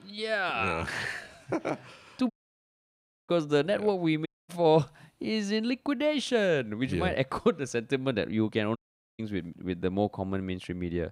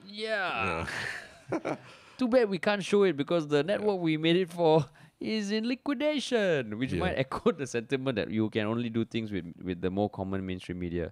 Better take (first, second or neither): second